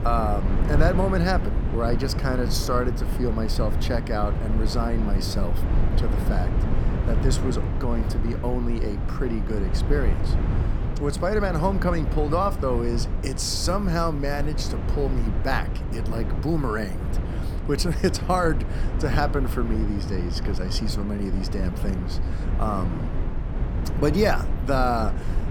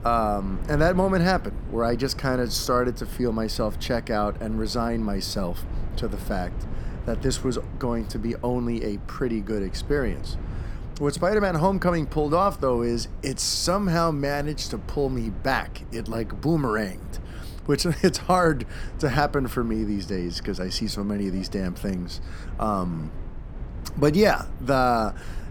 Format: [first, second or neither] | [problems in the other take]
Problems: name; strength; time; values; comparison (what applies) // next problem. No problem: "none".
second | low rumble; loud; throughout; 9 dB below the speech; faint in the second